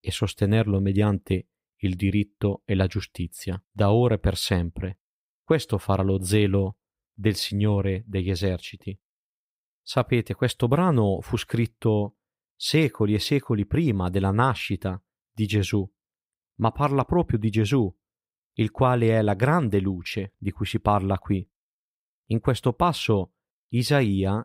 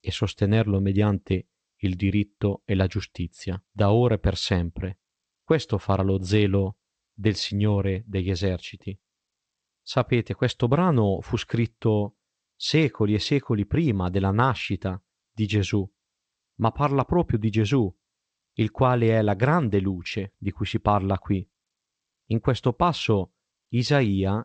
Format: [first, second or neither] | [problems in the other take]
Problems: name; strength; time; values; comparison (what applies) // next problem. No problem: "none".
first | garbled, watery; slightly; nothing above 8 kHz